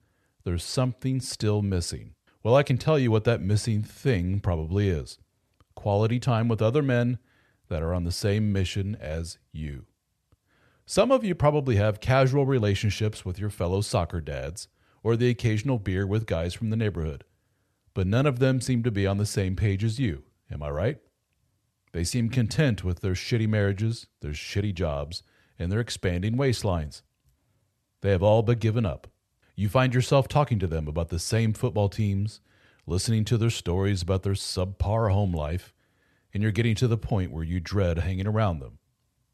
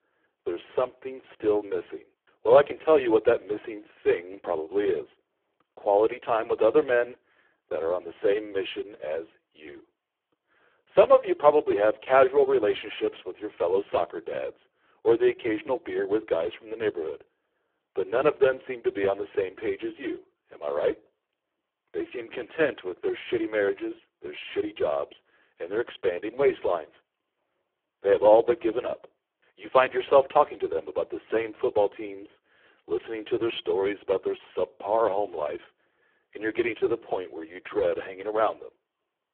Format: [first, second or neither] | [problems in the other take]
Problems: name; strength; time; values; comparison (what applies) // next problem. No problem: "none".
first | phone-call audio; poor line